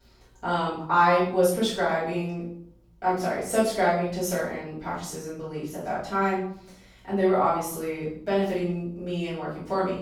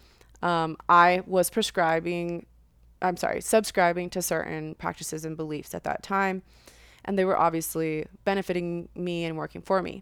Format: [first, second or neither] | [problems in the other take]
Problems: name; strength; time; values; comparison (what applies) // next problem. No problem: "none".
second | off-mic speech; far // room echo; noticeable; dies away in 0.6 s